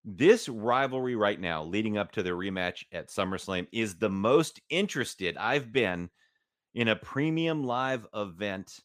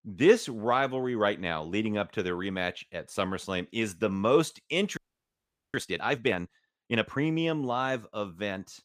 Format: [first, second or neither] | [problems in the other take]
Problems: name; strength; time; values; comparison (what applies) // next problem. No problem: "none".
first | audio freezing; at 5 s for 1 s